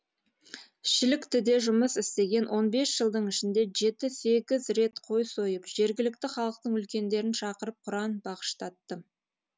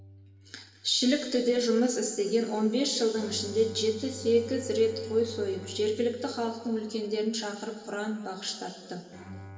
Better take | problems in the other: first | background sound (Bowed string instrument); 19 dB below the speech // room echo; dies away in 2.3 s

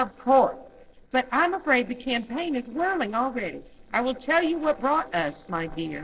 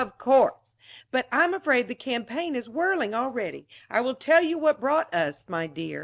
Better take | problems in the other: second | noise reduction (neural separator model SepFormer DNS4)

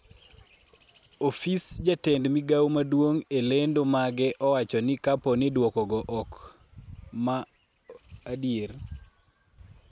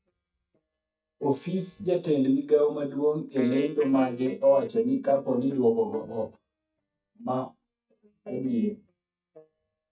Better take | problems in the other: first | noise reduction (neural mask model DeepFilterNet 3)

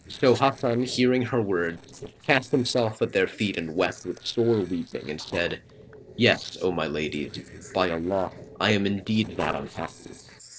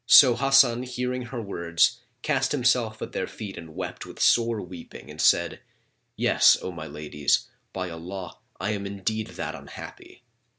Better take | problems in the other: second | noise reduction (neural separator model SepFormer DNS4)

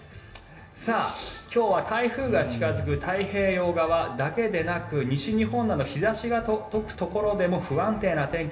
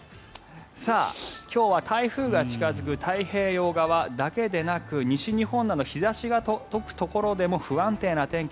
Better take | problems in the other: second | room echo; dies away in 1.3 s

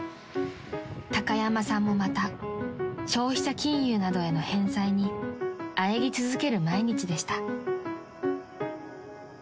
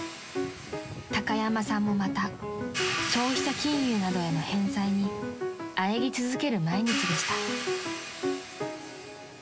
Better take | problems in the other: first | background sound (Hi-hat); 8 dB below the speech

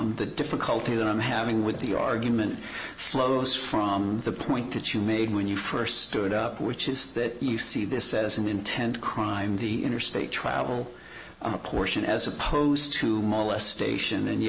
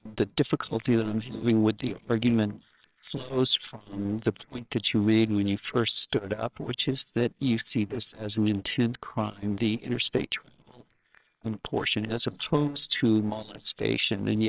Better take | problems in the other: first | noise reduction (neural separator model SepFormer WHAMR!)

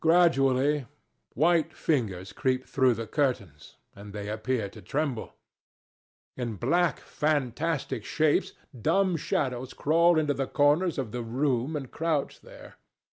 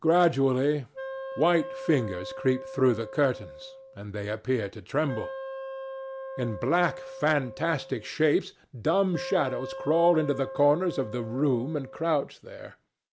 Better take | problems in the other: first | background sound (Wind instrument, woodwind instrument); 12 dB below the speech

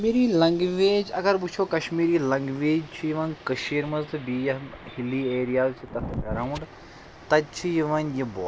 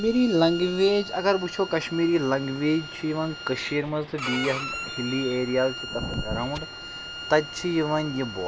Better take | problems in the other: first | background sound (Bowed string instrument); 11 dB below the speech

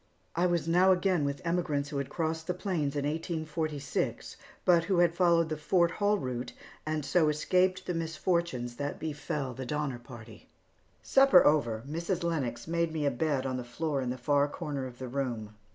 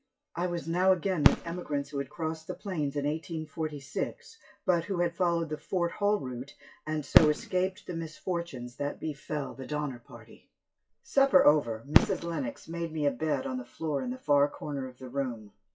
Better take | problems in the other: first | noise reduction (classical method WPE with log-MMSE)

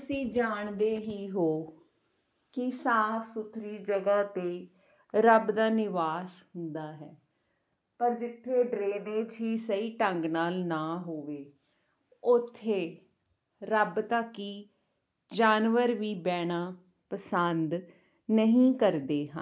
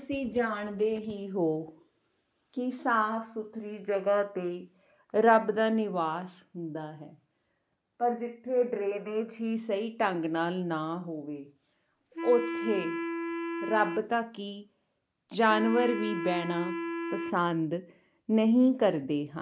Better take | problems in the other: first | background sound (Wind instrument, woodwind instrument); 5 dB below the speech

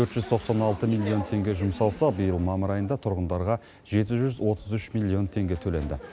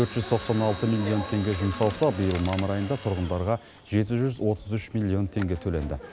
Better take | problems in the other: first | background sound (Mechanisms); 16 dB below the speech

